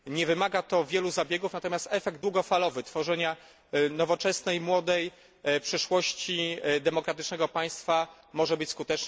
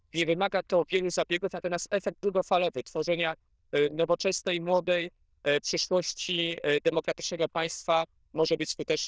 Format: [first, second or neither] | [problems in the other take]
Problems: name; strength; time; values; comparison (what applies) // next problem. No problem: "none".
first | noise reduction (neural diffusion model UNIVERSE++)